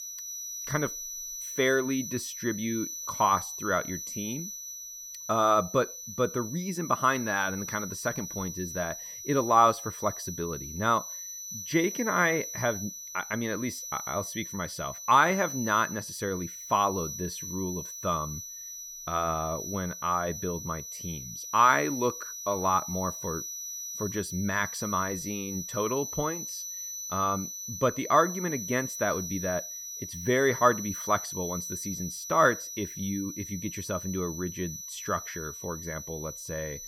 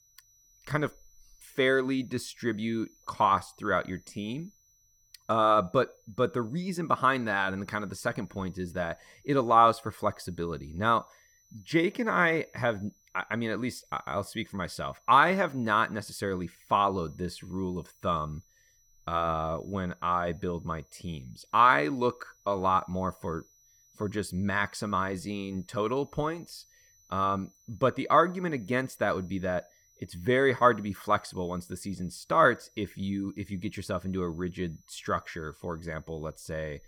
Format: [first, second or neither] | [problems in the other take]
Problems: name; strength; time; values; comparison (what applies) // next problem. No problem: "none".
second | high-pitched whine; loud; throughout; 6 kHz, 7 dB below the speech; faint in the second